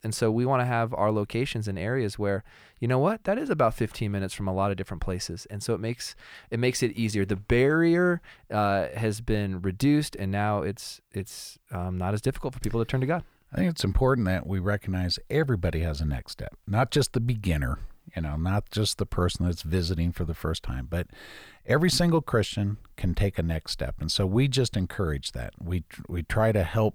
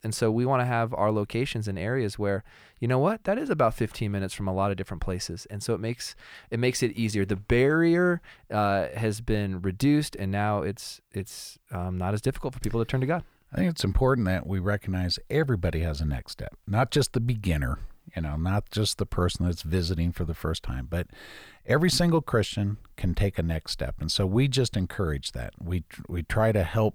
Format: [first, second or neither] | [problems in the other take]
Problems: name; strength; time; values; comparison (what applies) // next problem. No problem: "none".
neither | none